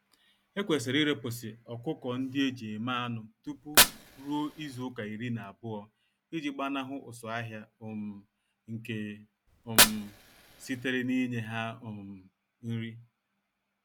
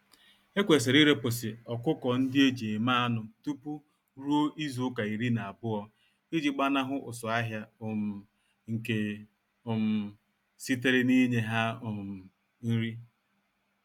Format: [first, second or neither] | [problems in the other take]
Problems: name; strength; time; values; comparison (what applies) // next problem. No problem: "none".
second | background sound (Fire); as loud as the speech